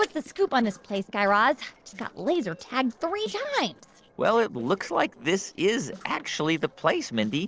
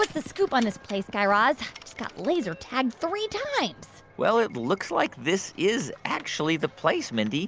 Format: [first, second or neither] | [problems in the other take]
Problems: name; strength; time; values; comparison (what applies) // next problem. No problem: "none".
second | noise reduction (neural separator model SepFormer DNS4)